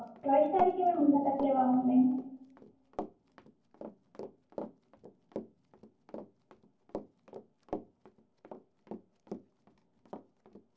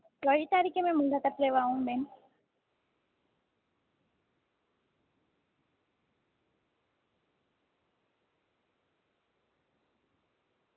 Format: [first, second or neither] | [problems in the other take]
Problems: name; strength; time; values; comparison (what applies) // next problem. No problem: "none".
second | background sound (Run); 13 dB below the speech // room echo; dies away in 0.9 s